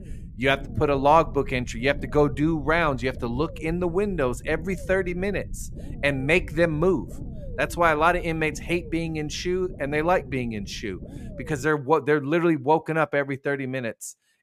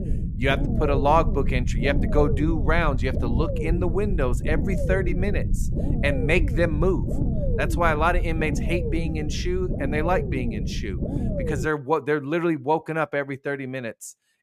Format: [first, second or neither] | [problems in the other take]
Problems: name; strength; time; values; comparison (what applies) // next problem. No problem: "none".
first | low rumble; loud; until 12 s; 9 dB below the speech; faint in the first